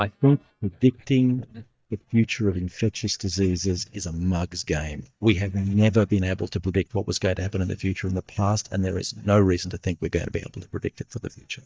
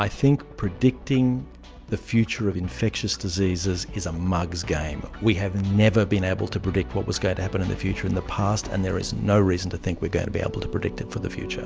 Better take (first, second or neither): second